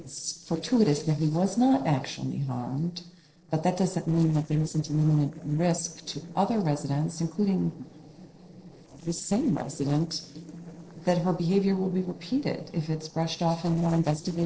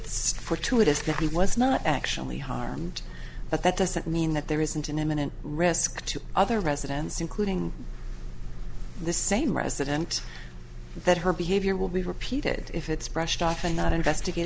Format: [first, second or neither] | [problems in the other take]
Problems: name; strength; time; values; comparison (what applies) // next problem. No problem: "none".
second | noise reduction (neural separator model SepFormer DNS4)